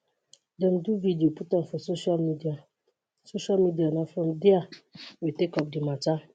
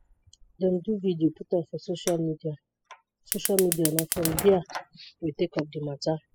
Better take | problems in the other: first | noise reduction (classical method spectral subtraction)

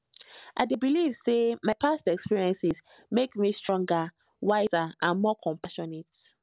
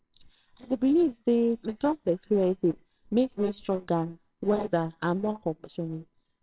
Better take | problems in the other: first | noise reduction (neural separator model SepFormer WHAMR!)

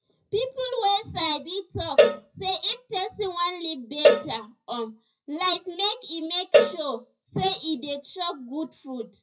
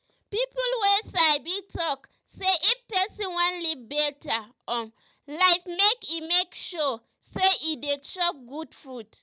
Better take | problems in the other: second | noise reduction (classical method WPE with log-MMSE)

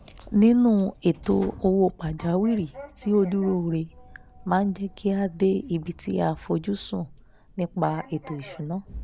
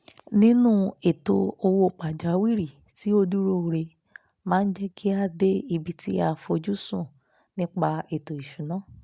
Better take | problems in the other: second | background sound (Sliding door); 20 dB below the speech

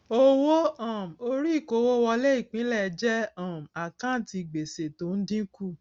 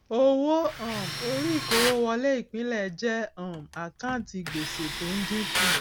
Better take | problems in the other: first | background sound (Tools); 5 dB below the speech

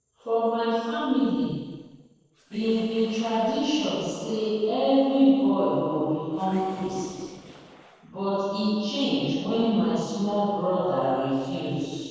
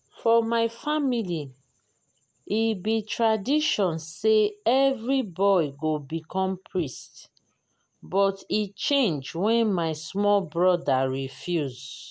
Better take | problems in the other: second | noise reduction (neural separator model SepFormer DNS4)

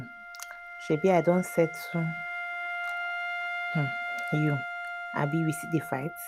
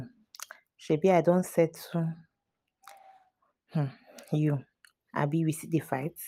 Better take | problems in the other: second | background sound (Wind instrument, woodwind instrument); 6 dB below the speech

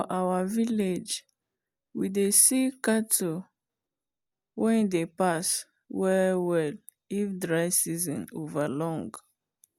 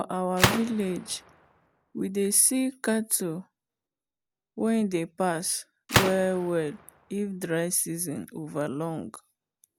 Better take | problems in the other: first | background sound (Gunshot, gunfire); 5 dB below the speech

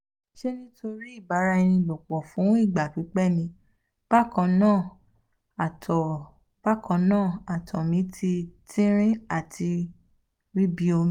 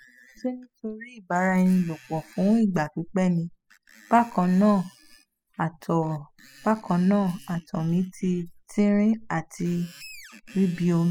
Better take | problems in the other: first | noise reduction (classical method spectral subtraction)

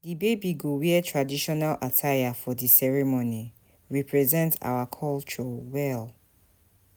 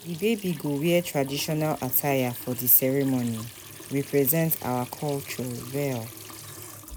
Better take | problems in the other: first | background sound (Trickle, dribble / Sink (filling or washing) / Water tap, faucet); 16 dB below the speech

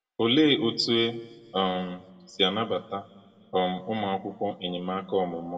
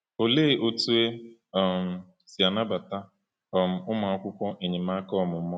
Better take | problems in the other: second | room echo; dies away in 1.6 s

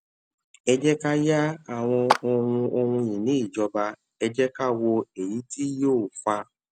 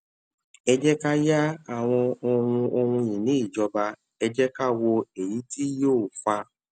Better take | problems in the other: second | background sound (Clapping); 6 dB below the speech

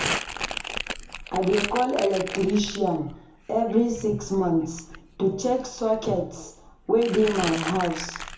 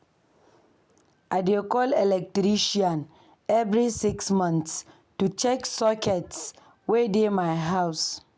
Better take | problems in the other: second | background sound (Crumpling, crinkling); 9 dB below the speech // room echo; dies away in 0.6 s

